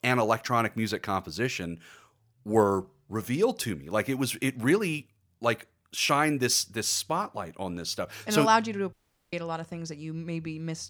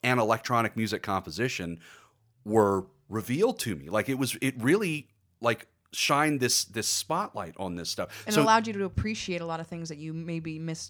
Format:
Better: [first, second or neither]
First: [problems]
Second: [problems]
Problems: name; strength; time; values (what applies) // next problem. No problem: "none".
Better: second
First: audio cutting out; at 9 s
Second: none